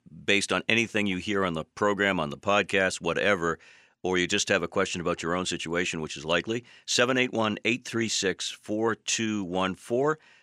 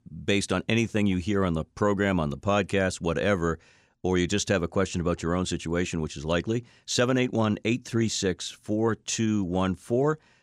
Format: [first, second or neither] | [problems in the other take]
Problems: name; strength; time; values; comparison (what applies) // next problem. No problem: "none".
second | thin; very slightly; fading below 700 Hz